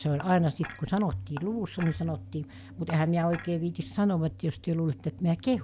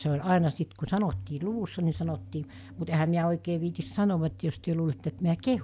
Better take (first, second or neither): second